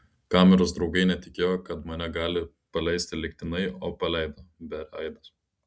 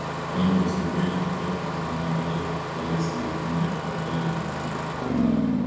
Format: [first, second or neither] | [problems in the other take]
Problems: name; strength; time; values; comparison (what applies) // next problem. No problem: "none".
first | background sound (Engine starting); 1 dB above the speech // room echo; dies away in 1.1 s